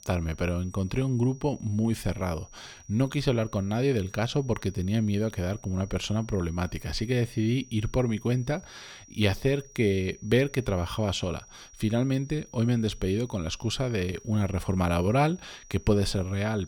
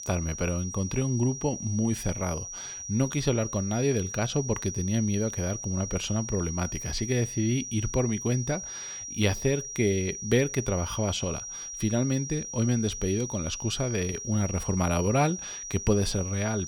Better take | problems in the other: first | high-pitched whine; loud; throughout; 6 kHz, 7 dB below the speech; faint in the first

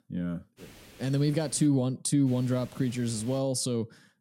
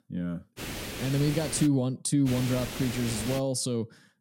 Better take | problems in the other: first | hiss; loud; from 0.5 to 1.5 s and from 2.5 to 3.5 s; 8 dB below the speech; faint in the first

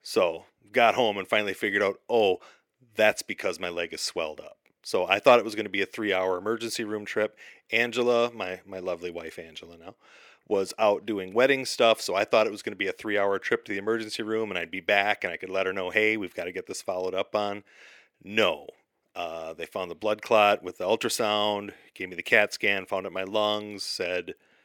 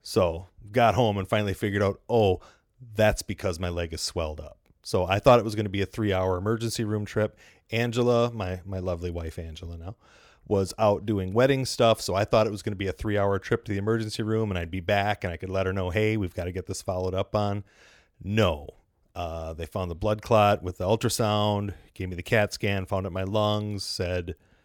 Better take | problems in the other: second | thin; somewhat; fading below 350 Hz

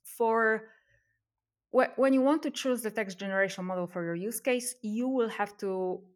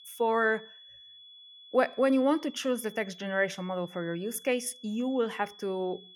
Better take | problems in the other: first | high-pitched whine; noticeable; throughout; 3.5 kHz, 20 dB below the speech

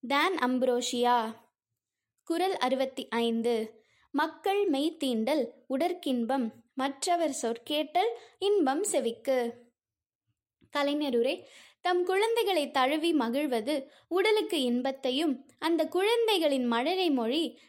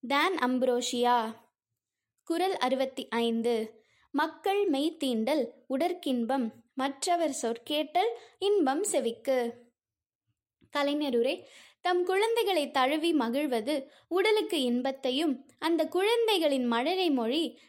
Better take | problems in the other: neither | none

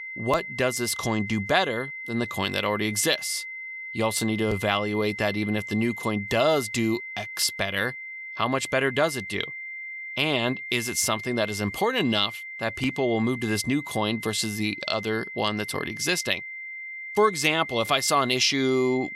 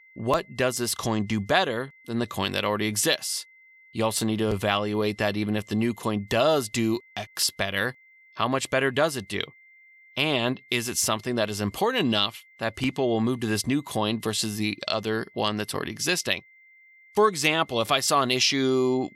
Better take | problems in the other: second | high-pitched whine; loud; throughout; 2 kHz, 9 dB below the speech; faint in the second

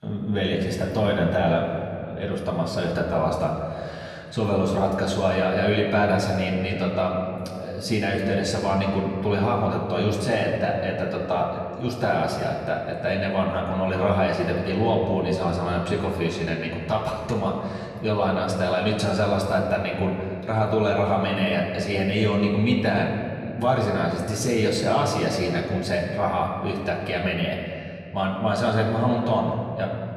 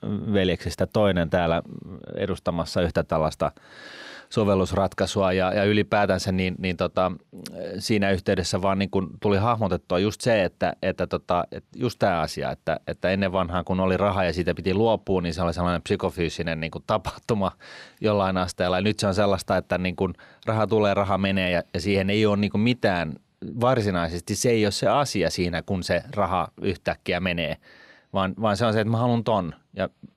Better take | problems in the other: second | off-mic speech; far // room echo; noticeable; dies away in 2.2 s

